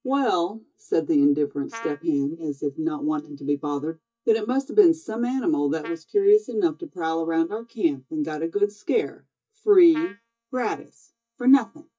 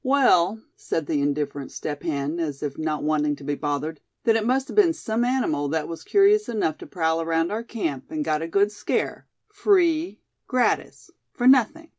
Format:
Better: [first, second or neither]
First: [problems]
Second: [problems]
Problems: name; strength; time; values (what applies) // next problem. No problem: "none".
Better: second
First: noise reduction (neural mask model DeepFilterNet 3)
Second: none